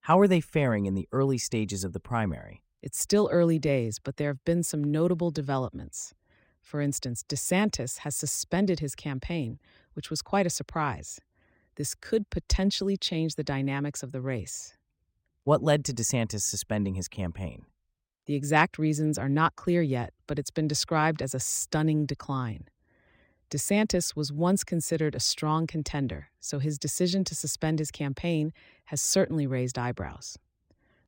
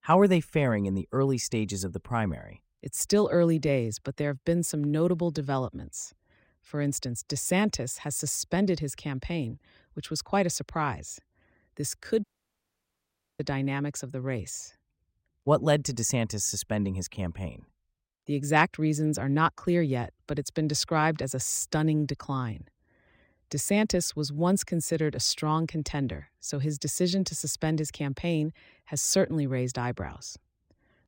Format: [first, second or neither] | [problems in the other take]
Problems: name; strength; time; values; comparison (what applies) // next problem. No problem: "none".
first | audio cutting out; at 12 s for 1 s